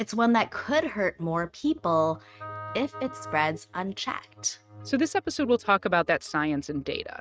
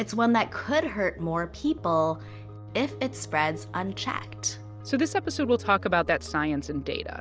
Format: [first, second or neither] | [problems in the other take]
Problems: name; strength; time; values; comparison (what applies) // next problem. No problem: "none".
second | noise reduction (neural mask model RNNoise)